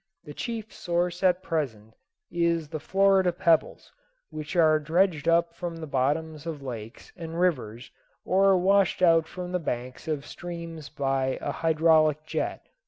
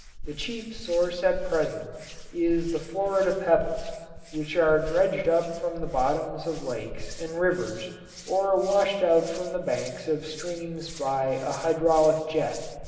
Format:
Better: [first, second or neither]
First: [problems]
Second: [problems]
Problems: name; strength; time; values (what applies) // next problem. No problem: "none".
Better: first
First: none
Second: background sound (Hands); 12 dB below the speech // room echo; dies away in 1.9 s